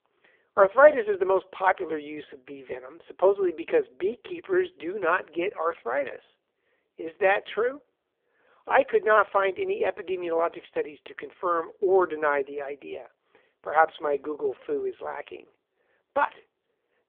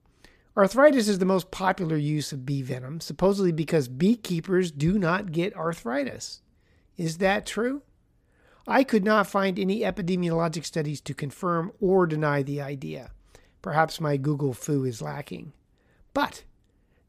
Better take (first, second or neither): second